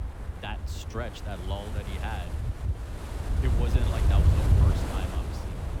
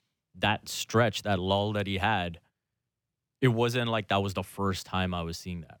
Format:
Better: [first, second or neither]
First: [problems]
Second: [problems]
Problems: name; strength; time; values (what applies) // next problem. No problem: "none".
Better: second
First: wind noise on the microphone; heavy; as loud as the speech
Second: none